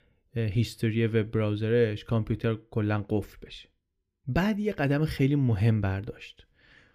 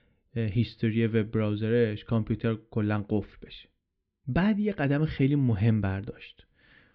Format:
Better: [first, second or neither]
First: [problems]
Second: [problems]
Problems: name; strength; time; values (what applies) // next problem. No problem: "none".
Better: first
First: none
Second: muffled; very slightly; fading above 4 kHz